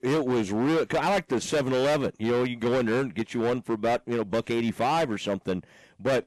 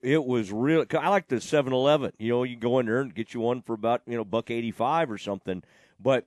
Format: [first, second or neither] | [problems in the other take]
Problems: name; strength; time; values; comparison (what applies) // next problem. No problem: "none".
second | distortion; heavy; 20% of the sound clipped